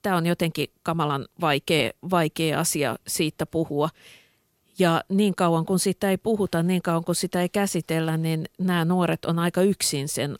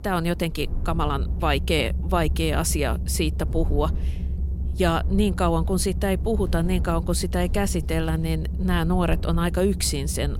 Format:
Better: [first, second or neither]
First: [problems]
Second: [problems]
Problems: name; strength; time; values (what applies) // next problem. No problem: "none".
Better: first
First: none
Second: low rumble; noticeable; throughout; 15 dB below the speech